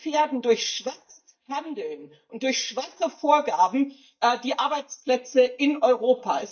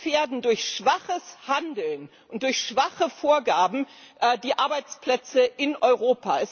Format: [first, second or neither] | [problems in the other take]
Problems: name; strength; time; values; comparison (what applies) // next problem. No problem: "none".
second | noise reduction (neural mask model DeepFilterNet 3)